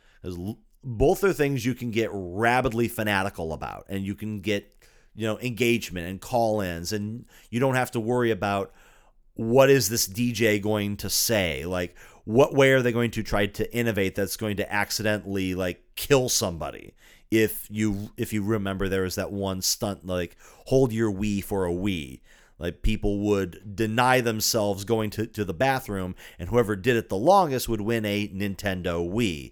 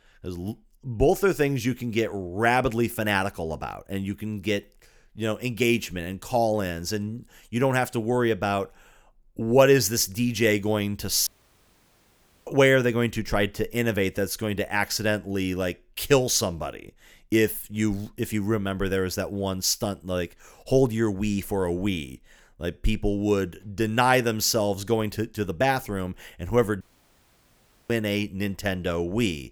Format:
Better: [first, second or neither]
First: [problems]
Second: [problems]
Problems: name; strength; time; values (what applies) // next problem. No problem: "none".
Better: first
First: none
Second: audio cutting out; at 11 s for 1 s and at 27 s for 1 s